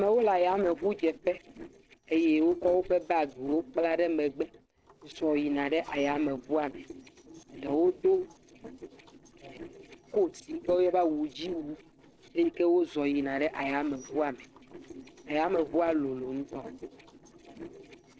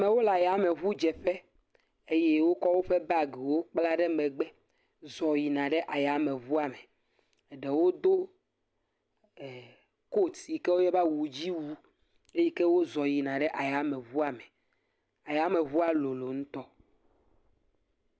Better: second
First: noise reduction (neural separator model SepFormer DNS4)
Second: none

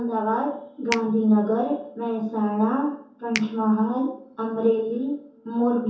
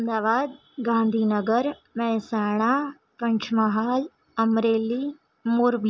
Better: second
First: background sound (Finger snapping); 16 dB below the speech // room echo; dies away in 0.6 s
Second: none

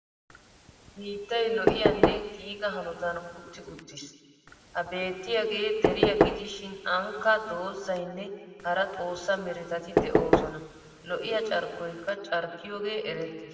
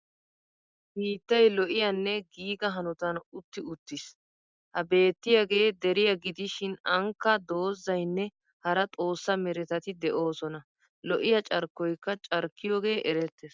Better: second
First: background sound (Knock / Wood); 1 dB above the speech // room echo; dies away in 1.5 s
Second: none

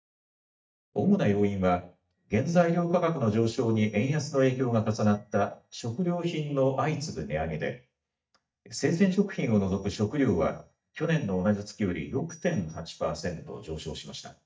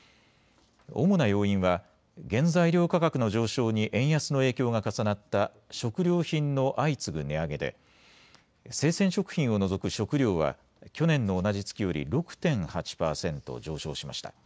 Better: second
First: noise reduction (neural mask model DeepFilterNet 3)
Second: none

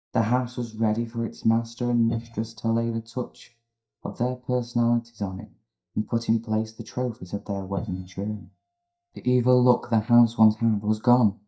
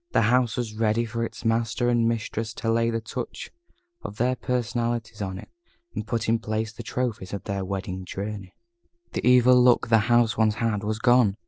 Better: second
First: noise reduction (neural mask model DeepFilterNet 3)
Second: none

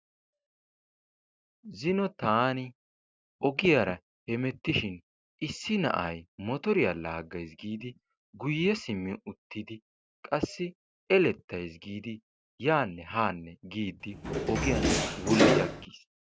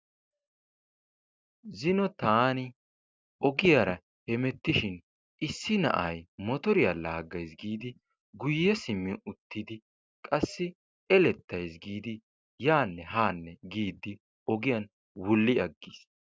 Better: second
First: background sound (Door); 4 dB above the speech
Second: none

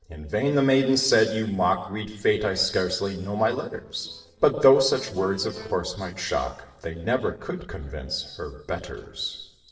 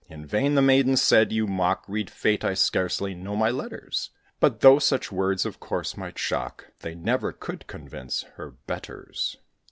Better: second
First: noise reduction (neural separator model SepFormer DNS4)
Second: none

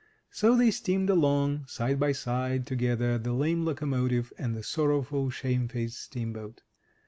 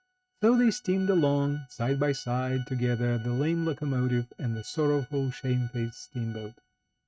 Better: first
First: none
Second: noise reduction (neural mask model RNNoise)

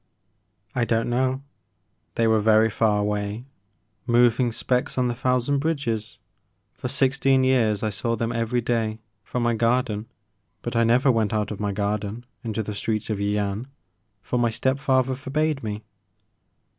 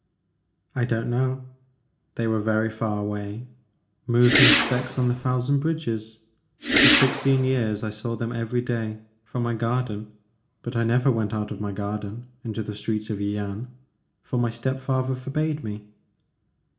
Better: first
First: none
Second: background sound (Whoosh, swoosh, swish); 3 dB above the speech // room echo; dies away in 0.4 s

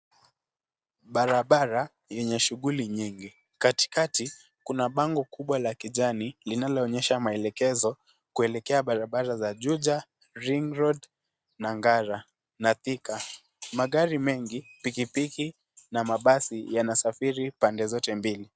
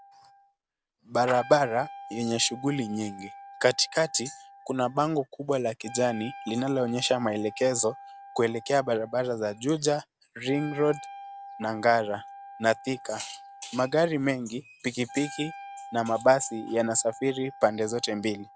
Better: first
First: none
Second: background sound (Wind instrument, woodwind instrument); 17 dB below the speech

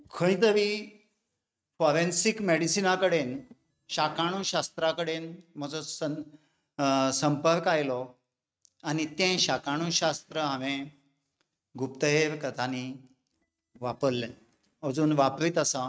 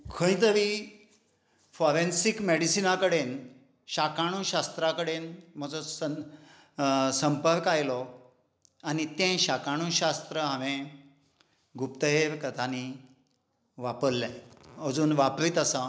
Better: second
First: noise reduction (neural mask model RNNoise)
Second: none

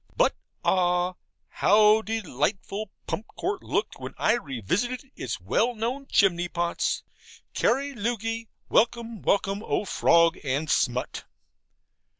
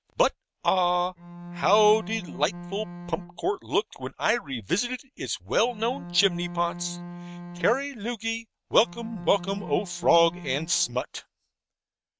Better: first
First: none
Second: noise reduction (neural mask model RNNoise)

